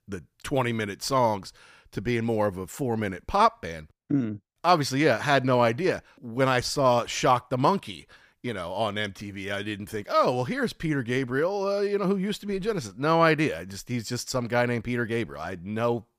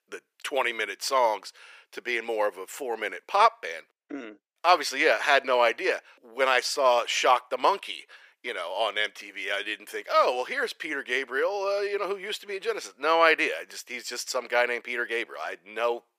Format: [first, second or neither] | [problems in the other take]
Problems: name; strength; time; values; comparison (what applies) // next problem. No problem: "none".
first | thin; very; fading below 400 Hz